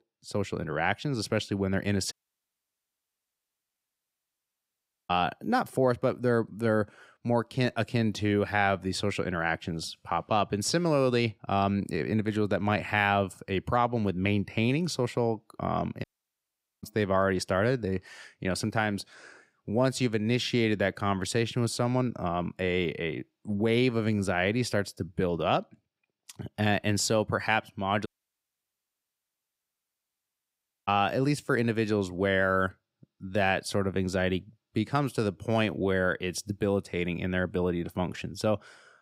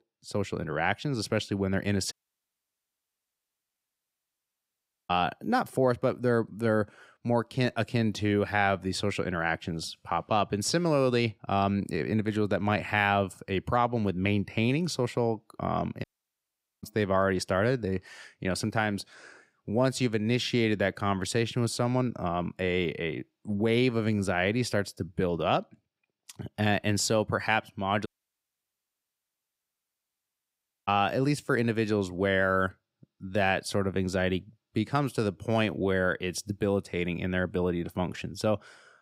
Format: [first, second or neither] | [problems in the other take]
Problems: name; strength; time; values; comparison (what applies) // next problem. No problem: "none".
neither | audio cutting out; at 2 s for 3 s, at 16 s for 1 s and at 28 s for 3 s; the same in both